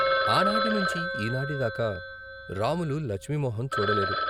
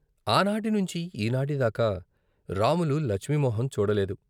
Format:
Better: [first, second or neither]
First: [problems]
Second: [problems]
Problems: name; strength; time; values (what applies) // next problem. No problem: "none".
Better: second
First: background sound (Piano + Telephone); as loud as the speech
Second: none